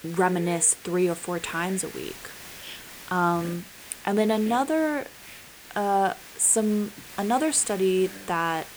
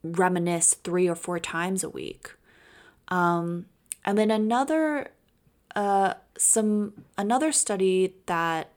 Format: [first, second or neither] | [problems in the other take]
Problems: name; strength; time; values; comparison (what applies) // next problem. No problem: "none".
second | hiss; noticeable; throughout; 15 dB below the speech